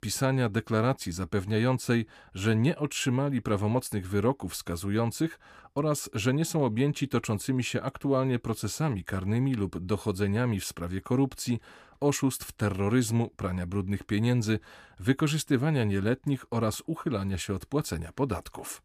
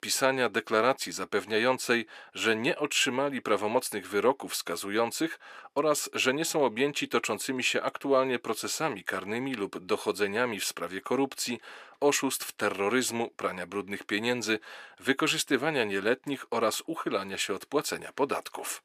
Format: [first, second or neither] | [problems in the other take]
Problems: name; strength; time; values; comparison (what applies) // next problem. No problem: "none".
first | thin; somewhat; fading below 450 Hz